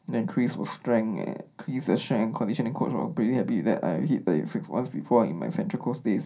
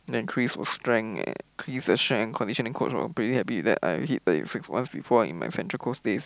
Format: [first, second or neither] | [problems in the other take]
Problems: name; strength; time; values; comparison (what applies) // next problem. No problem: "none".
second | room echo; dies away in 0.3 s